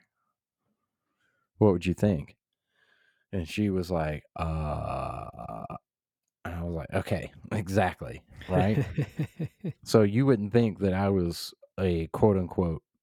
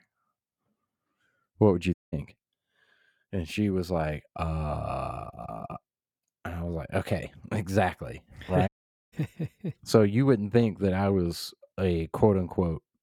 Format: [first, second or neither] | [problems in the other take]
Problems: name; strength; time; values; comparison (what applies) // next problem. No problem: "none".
first | audio cutting out; at 2 s and at 8.5 s